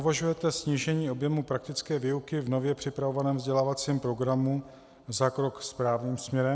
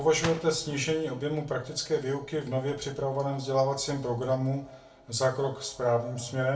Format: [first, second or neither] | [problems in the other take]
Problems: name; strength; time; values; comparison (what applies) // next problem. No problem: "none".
first | background sound (Gunshot, gunfire); 17 dB below the speech // room echo; dies away in 0.3 s